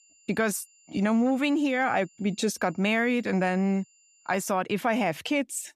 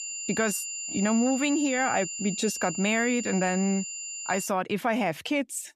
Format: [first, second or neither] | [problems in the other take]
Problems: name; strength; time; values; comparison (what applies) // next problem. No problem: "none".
first | high-pitched whine; loud; until 4.5 s; 7 kHz, 6 dB below the speech; faint in the first